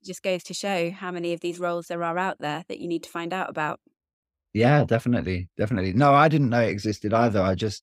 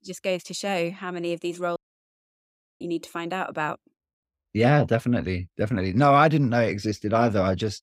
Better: first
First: none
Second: audio cutting out; at 2 s for 1 s

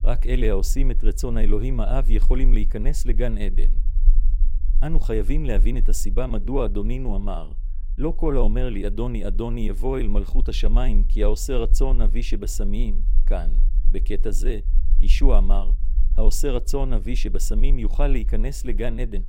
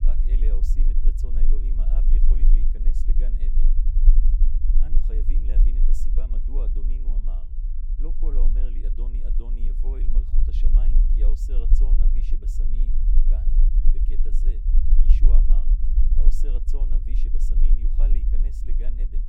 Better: first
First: low rumble; faint; throughout; 20 dB below the speech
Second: low rumble; loud; throughout; 1 dB below the speech

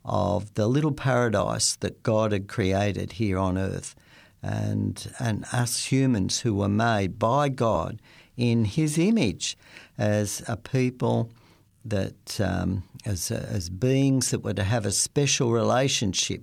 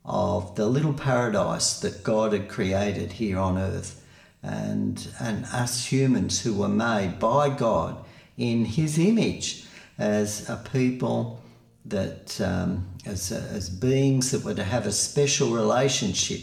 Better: first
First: none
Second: room echo; very slight; dies away in 0.6 s

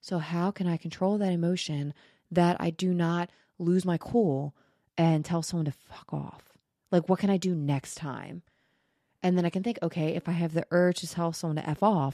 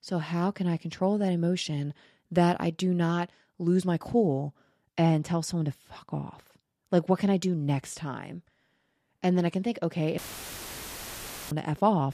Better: first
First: none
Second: audio cutting out; filled with static; at 10 s for 1.5 s

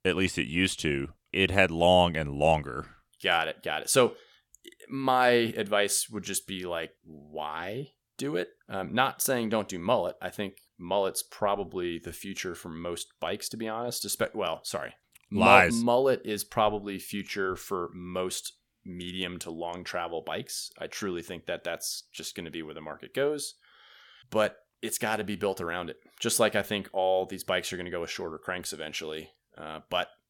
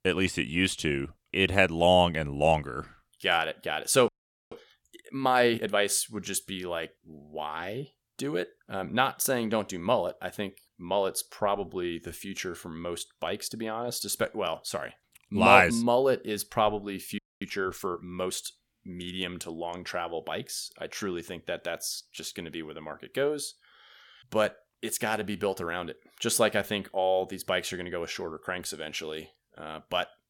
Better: first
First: none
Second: audio freezing; at 4 s and at 17 s

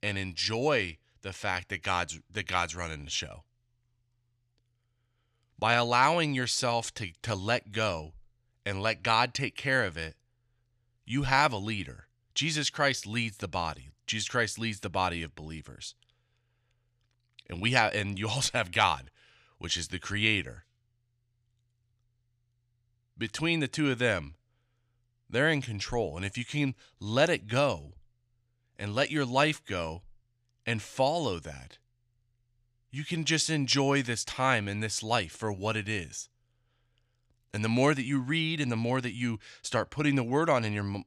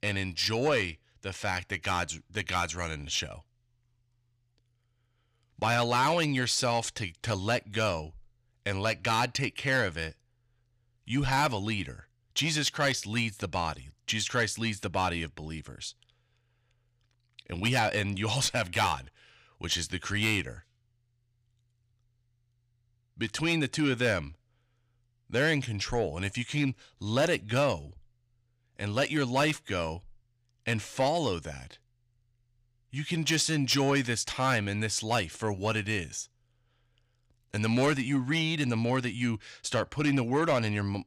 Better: first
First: none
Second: distortion; slight; 10 dB below the speech

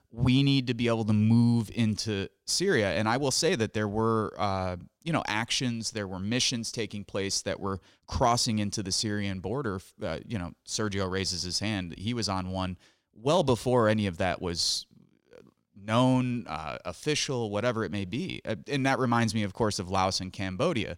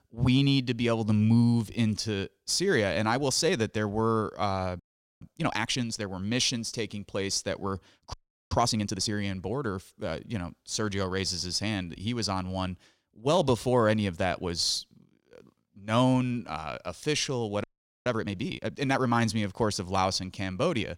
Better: first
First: none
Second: audio freezing; at 5 s, at 8 s and at 18 s

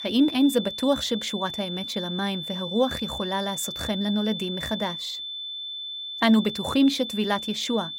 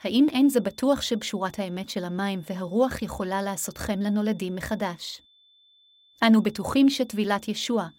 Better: second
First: high-pitched whine; loud; throughout; 3.5 kHz, 6 dB below the speech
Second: high-pitched whine; faint; throughout; 3.5 kHz, 30 dB below the speech

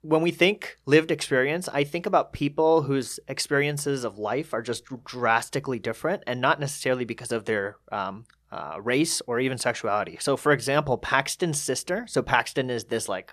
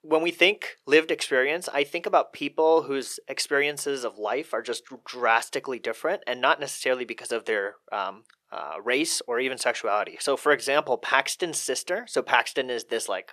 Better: first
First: none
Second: thin; somewhat; fading below 450 Hz

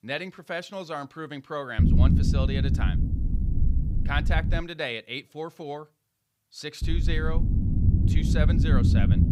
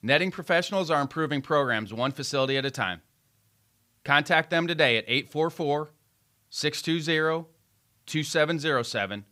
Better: second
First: low rumble; loud; from 2 to 4.5 s and from 7 s on; 4 dB below the speech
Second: none

